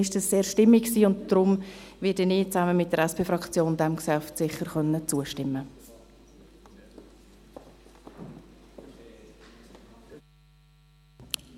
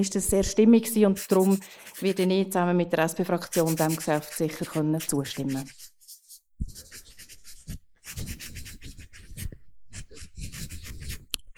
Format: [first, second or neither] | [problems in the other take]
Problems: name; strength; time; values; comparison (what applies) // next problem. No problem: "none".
first | noise reduction (neural mask model Resemble Enhance denoiser)